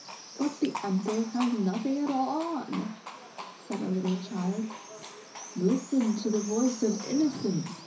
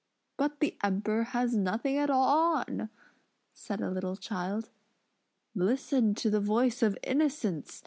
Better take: second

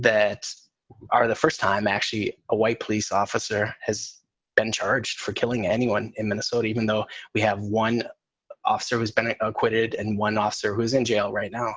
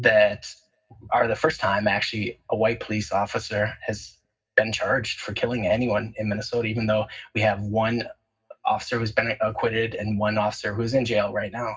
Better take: first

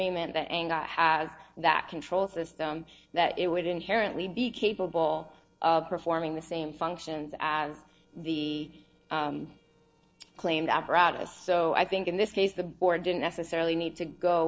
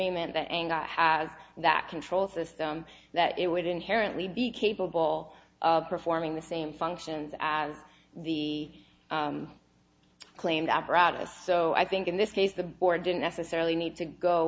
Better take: second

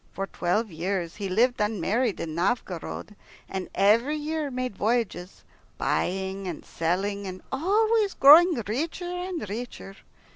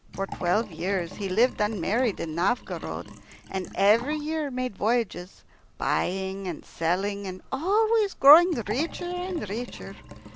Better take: first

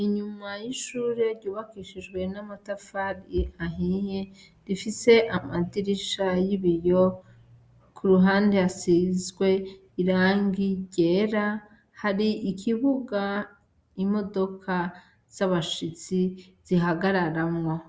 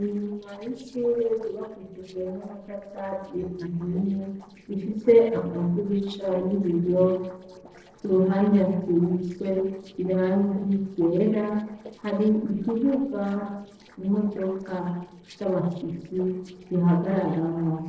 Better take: first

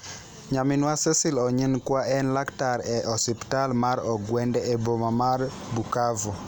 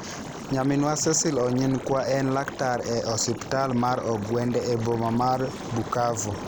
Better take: first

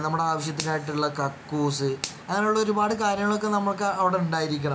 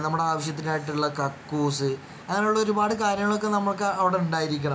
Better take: second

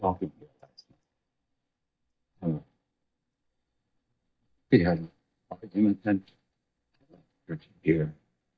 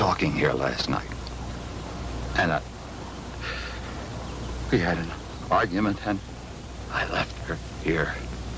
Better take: second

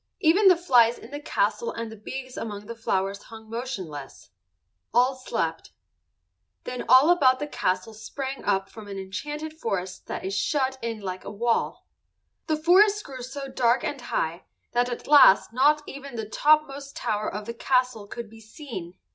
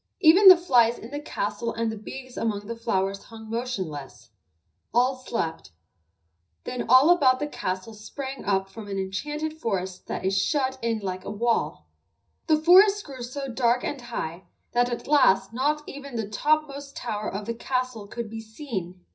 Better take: first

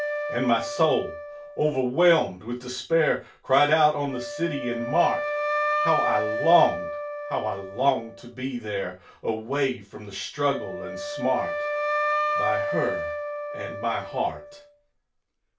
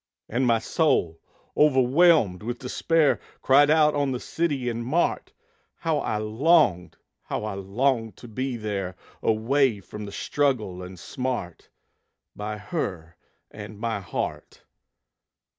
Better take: second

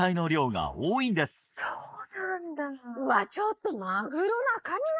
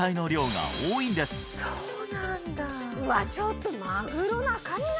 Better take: second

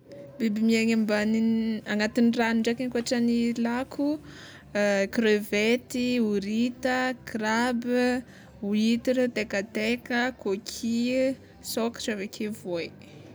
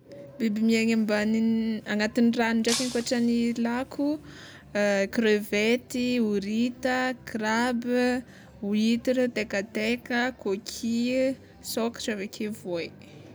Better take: first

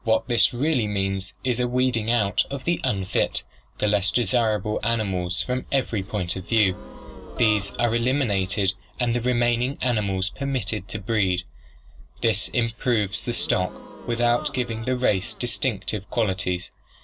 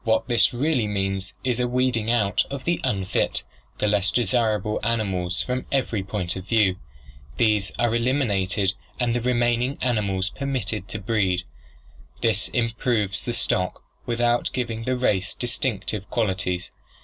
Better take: second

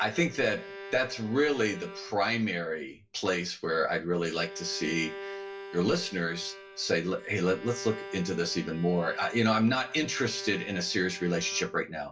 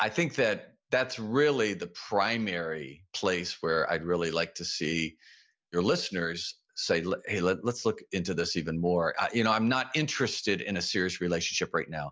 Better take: second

